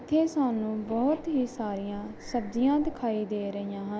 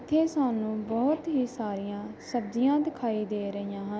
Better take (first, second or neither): second